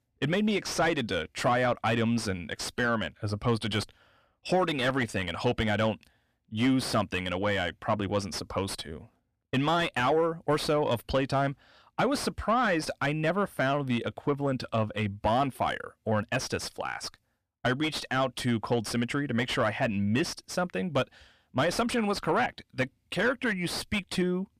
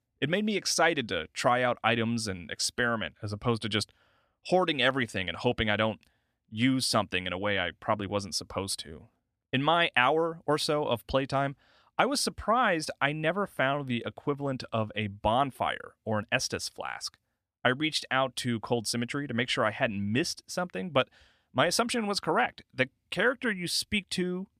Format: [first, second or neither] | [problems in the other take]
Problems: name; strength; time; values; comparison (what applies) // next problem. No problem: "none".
second | distortion; heavy; 8 dB below the speech